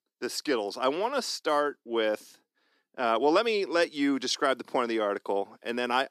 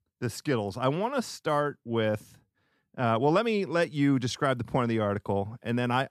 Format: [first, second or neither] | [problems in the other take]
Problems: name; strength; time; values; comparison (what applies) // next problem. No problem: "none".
second | thin; very slightly; fading below 300 Hz